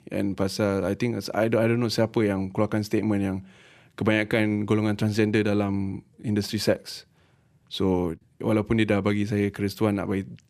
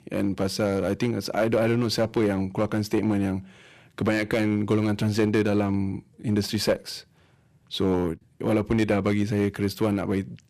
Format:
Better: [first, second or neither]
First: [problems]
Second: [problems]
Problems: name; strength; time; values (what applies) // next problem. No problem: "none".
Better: first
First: none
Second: distortion; slight; 4% of the sound clipped